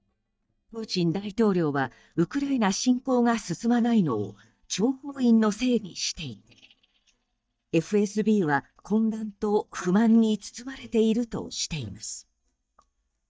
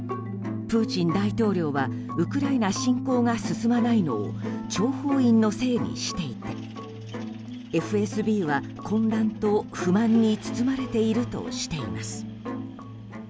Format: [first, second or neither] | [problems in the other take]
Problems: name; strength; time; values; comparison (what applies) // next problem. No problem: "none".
second | noise reduction (neural mask model DeepFilterNet 3)